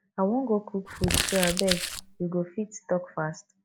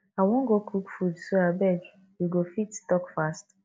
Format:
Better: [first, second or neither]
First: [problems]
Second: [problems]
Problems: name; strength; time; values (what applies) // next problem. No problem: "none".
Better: second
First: background sound (Crumpling, crinkling); as loud as the speech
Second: none